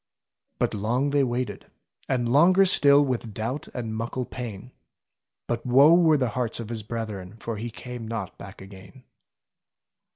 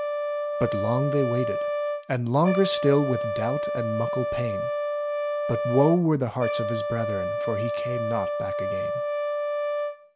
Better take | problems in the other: first | background sound (Brass instrument); 1 dB below the speech

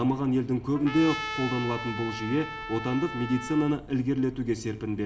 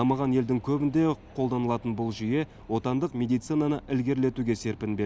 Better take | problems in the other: second | background sound (Trumpet); 9 dB below the speech // room echo; dies away in 0.6 s

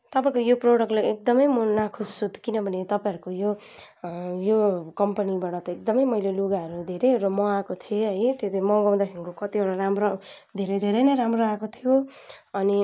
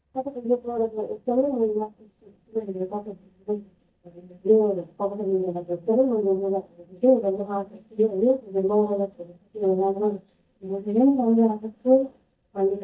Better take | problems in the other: first | noise reduction (neural mask model DeepFilterNet 3)

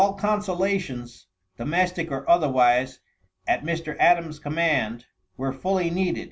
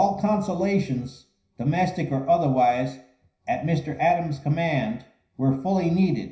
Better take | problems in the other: first | room echo; dies away in 0.5 s

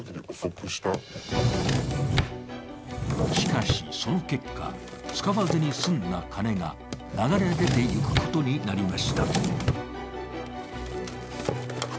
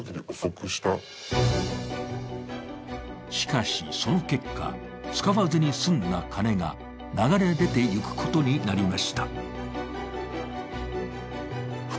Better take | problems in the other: second | background sound (Drawer open or close); 2 dB below the speech

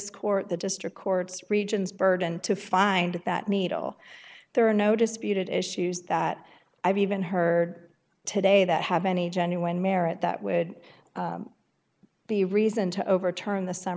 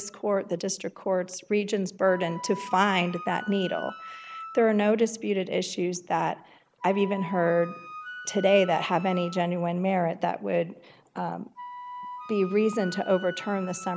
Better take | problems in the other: first | background sound (Wind instrument, woodwind instrument); 16 dB below the speech

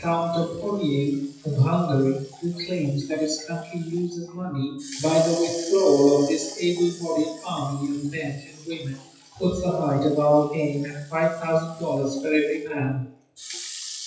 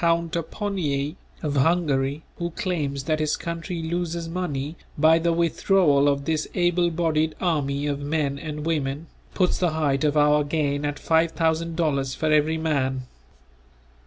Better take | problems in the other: second | noise reduction (classical method WPE with log-MMSE)

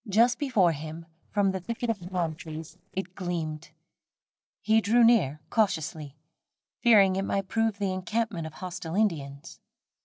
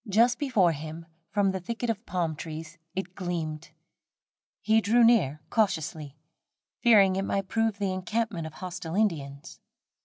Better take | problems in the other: second | noise reduction (neural separator model SepFormer DNS4)

